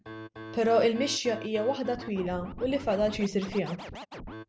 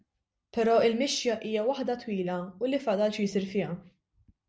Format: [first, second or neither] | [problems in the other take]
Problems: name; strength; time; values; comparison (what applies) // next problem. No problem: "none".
second | background sound (Scratching (performance technique)); 13 dB below the speech